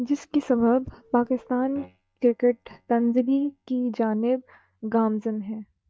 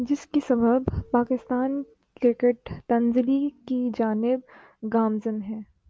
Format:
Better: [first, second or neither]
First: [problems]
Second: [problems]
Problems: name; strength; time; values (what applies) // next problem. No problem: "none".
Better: second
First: noise reduction (neural mask model DeepFilterNet 3)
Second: none